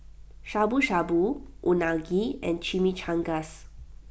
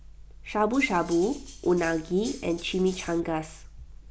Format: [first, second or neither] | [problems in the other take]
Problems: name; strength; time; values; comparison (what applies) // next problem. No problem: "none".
first | background sound (Cutlery, silverware); 19 dB below the speech